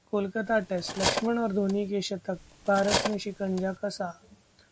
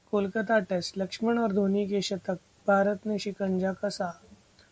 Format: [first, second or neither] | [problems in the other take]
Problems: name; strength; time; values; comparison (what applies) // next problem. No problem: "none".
second | background sound (Cutlery, silverware); 4 dB below the speech